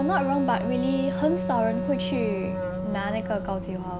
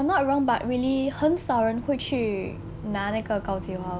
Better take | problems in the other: second | background sound (Wind instrument, woodwind instrument); 3 dB below the speech

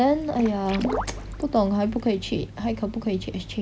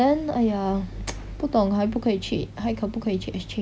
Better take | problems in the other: second | background sound (Water / Splash, splatter); 10 dB below the speech

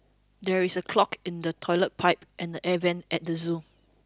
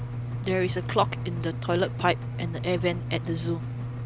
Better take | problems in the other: first | background sound (Engine); 3 dB below the speech

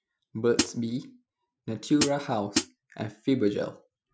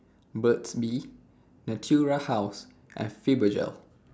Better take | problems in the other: second | noise reduction (classical method Wiener filter)

